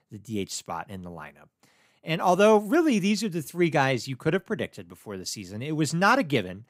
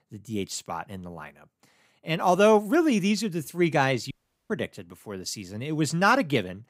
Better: first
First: none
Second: audio cutting out; at 4 s

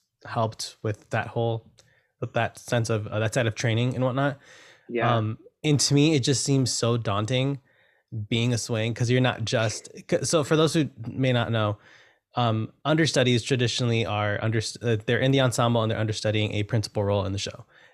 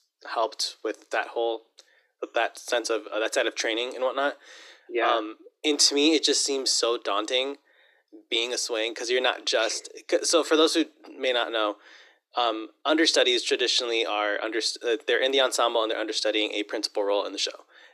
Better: first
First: none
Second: thin; very; fading below 300 Hz

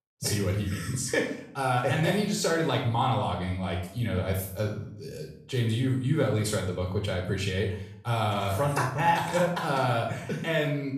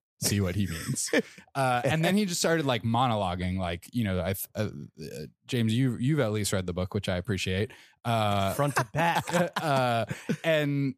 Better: second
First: off-mic speech; somewhat distant // room echo; noticeable; dies away in 0.5 s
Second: none

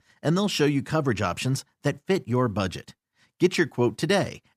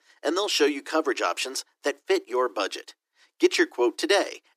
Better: first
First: none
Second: thin; very; fading below 300 Hz

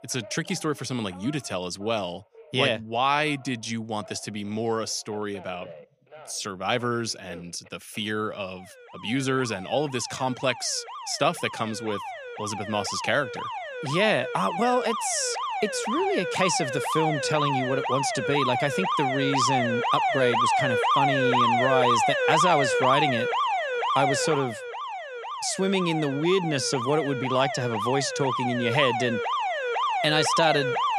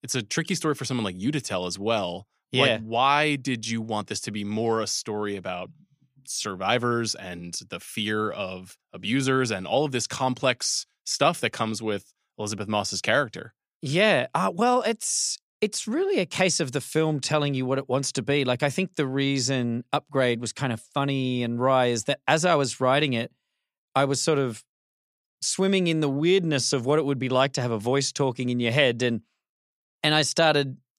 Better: second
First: alarms or sirens; very loud; throughout; as loud as the speech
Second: none

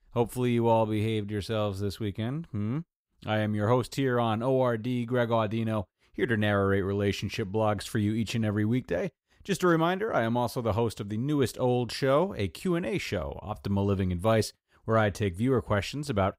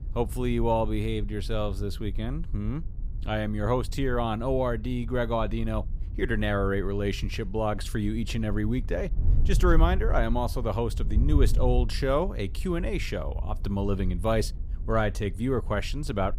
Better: first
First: none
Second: wind noise on the microphone; occasional gusts; 20 dB below the speech

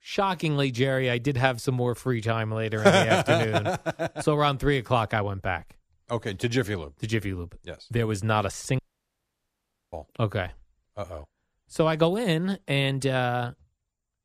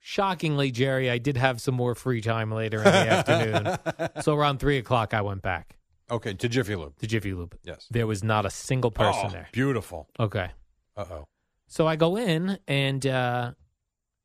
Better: second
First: audio cutting out; at 9 s for 1 s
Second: none

